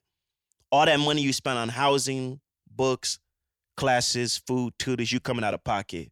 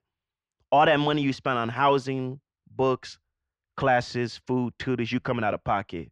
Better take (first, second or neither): first